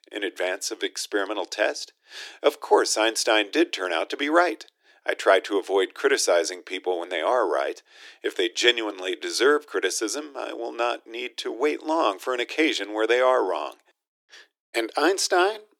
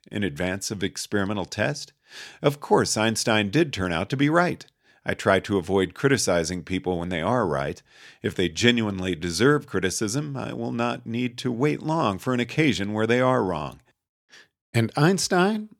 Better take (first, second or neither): second